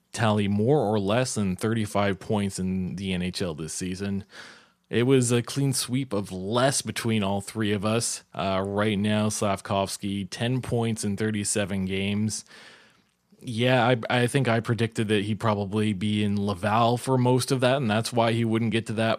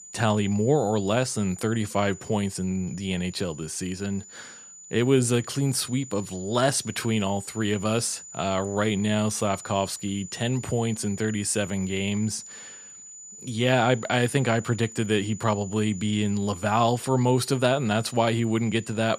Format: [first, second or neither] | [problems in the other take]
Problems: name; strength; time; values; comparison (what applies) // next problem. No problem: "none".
first | high-pitched whine; noticeable; throughout; 7 kHz, 15 dB below the speech